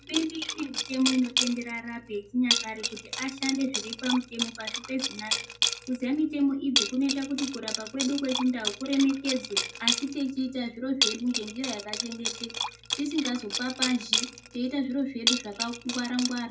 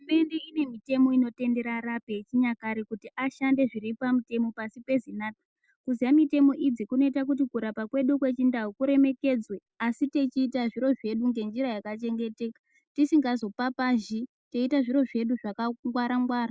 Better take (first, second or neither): second